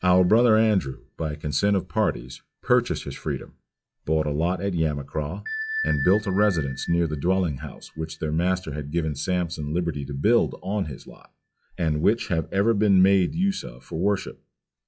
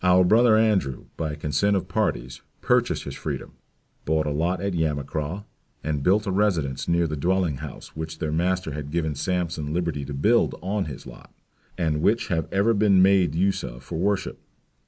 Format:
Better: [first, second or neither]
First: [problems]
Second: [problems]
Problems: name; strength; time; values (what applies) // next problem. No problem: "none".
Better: second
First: noise reduction (classical method log-MMSE)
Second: none